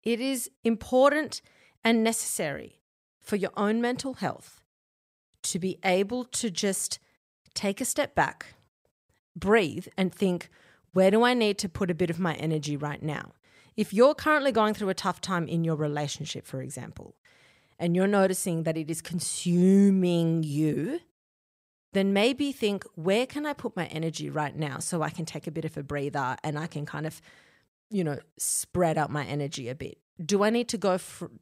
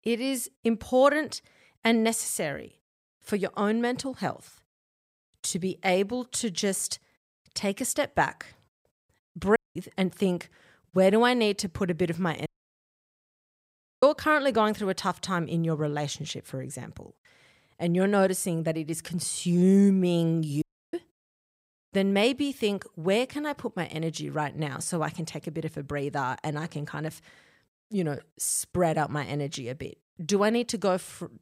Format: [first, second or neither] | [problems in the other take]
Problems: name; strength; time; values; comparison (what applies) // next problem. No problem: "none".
first | audio cutting out; at 9.5 s, at 12 s for 1.5 s and at 21 s